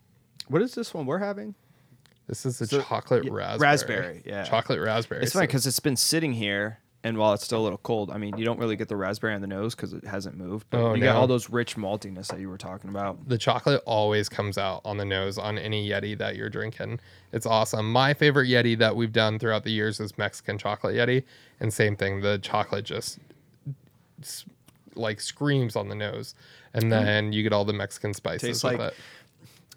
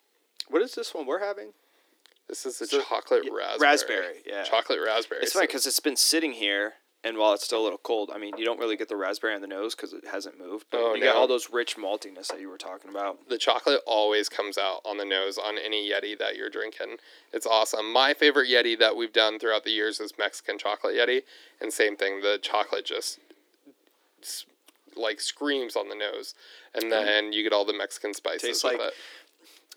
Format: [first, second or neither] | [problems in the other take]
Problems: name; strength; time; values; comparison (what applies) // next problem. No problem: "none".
first | thin; somewhat; fading below 300 Hz